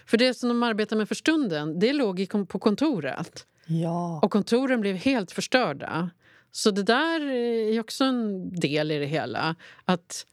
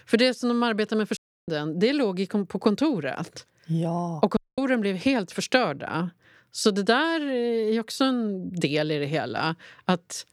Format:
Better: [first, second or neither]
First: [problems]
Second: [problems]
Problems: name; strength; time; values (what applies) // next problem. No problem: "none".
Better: first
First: none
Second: audio cutting out; at 1 s and at 4.5 s